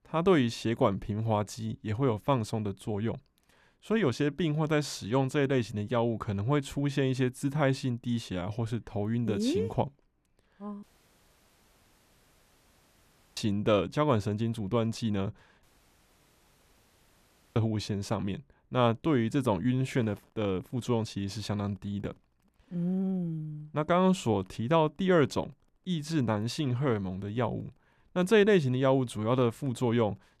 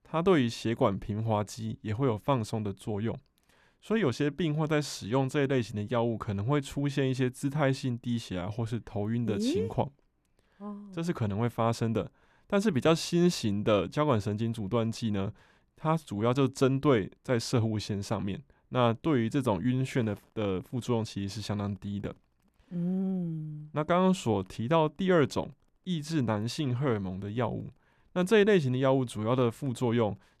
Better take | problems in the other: second | audio cutting out; at 11 s for 2.5 s and at 16 s for 2 s

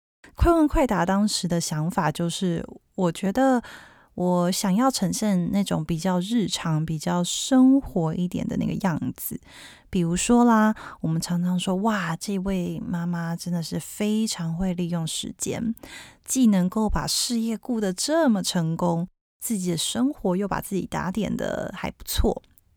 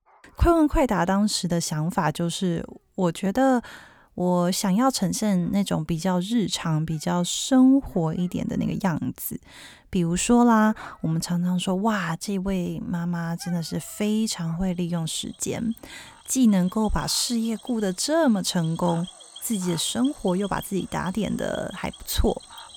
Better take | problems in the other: first | animal sounds; faint; throughout; 20 dB below the speech

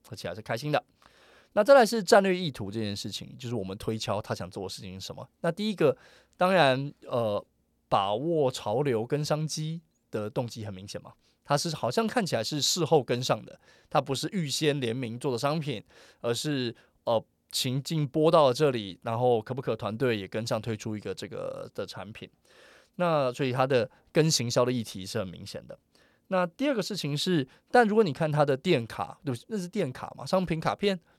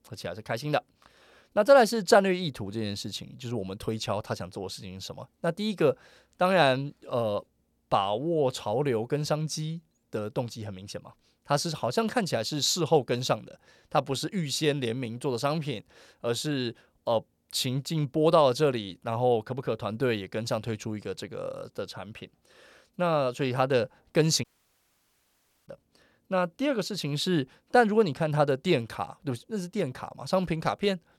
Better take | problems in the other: first | audio cutting out; at 24 s for 1 s

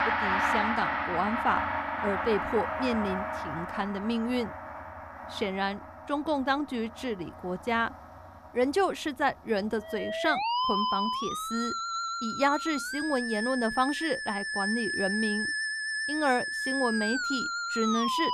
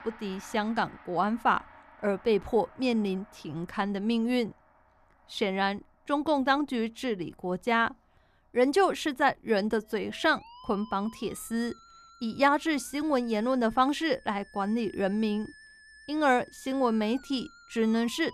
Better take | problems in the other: second | background music; loud; throughout; as loud as the speech; faint in the second

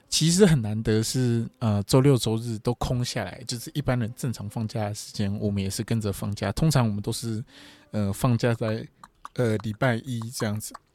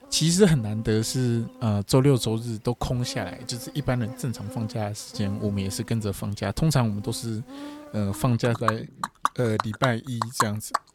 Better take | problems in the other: first | animal sounds; loud; throughout; 8 dB below the speech; faint in the first

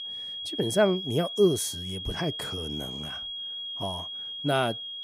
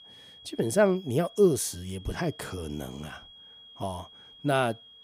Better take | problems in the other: second | high-pitched whine; loud; throughout; 3.5 kHz, 5 dB below the speech; faint in the second

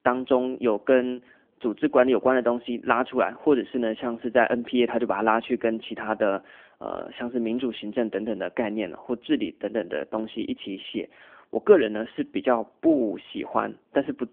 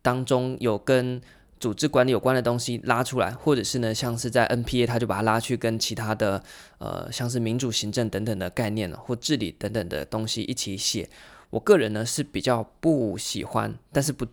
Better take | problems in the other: second | phone-call audio; nothing above 3.5 kHz

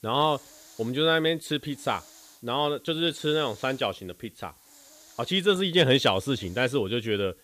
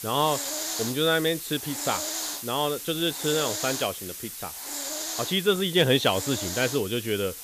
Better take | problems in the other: first | hiss; loud; throughout; 5 dB below the speech; faint in the first

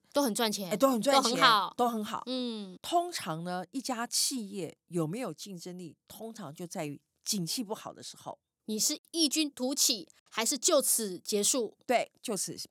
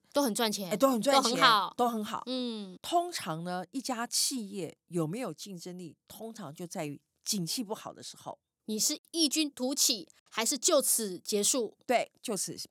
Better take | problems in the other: neither | none

